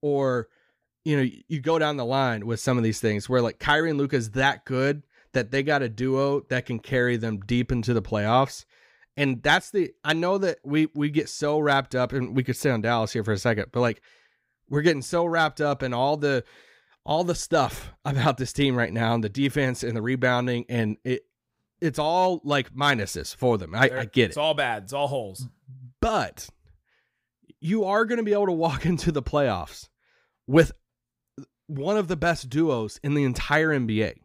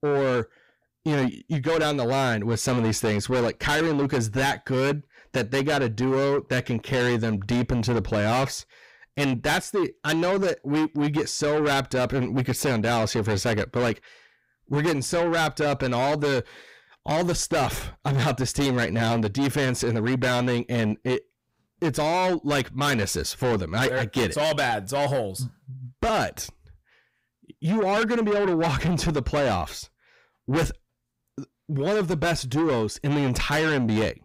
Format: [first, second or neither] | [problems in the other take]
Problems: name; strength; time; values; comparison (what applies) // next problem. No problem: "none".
first | distortion; heavy; 6 dB below the speech